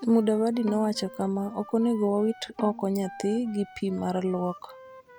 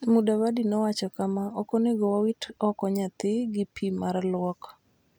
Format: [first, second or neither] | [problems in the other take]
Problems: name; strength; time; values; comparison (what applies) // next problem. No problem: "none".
second | background sound (Bowed string instrument + Wind instrument, woodwind instrument); 17 dB below the speech